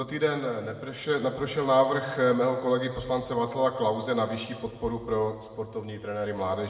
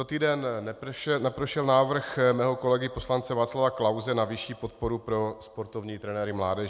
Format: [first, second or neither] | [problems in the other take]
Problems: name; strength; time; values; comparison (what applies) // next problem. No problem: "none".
second | room echo; dies away in 1.4 s